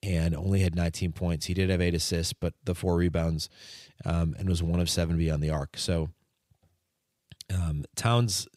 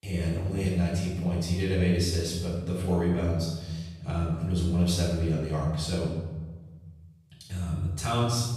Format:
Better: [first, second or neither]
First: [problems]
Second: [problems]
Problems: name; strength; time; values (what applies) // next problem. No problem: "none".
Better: first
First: none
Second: off-mic speech; far // room echo; strong; dies away in 1.1 s